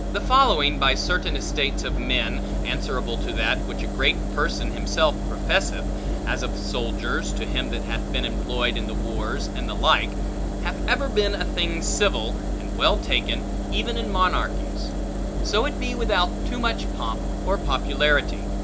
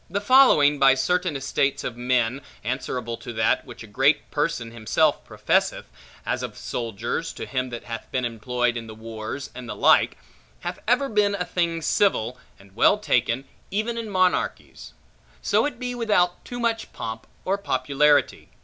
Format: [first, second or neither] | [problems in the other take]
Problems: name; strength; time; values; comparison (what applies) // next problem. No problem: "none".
second | background sound (Engine); as loud as the speech